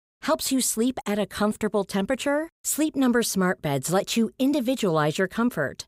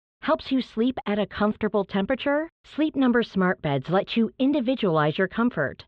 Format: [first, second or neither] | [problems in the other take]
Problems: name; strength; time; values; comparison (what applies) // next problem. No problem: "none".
first | muffled; very; fading above 3.5 kHz